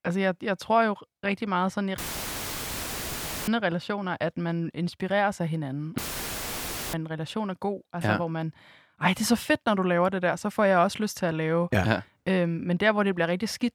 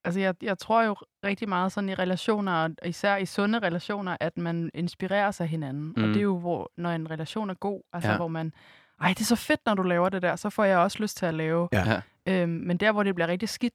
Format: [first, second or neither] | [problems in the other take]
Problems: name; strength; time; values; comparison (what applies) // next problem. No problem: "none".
second | audio cutting out; filled with static; at 2 s for 1.5 s and at 6 s for 1 s